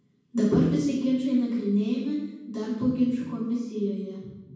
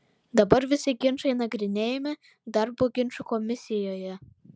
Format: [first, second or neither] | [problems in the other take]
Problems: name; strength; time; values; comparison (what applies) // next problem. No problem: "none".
second | room echo; dies away in 1.2 s